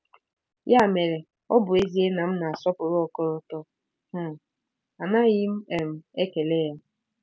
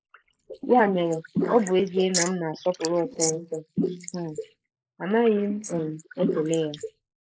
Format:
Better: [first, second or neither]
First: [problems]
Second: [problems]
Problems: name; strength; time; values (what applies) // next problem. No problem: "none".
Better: first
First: none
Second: noise reduction (neural mask model Resemble Enhance denoiser)